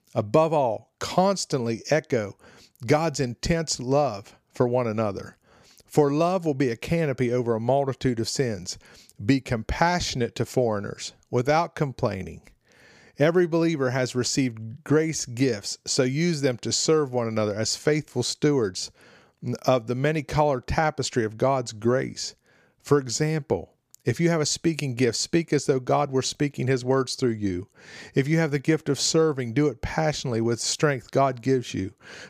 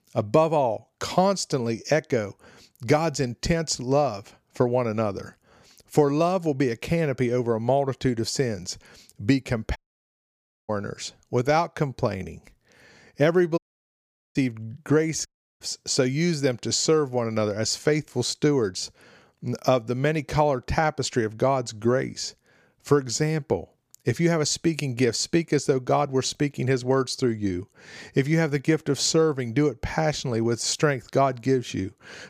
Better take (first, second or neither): first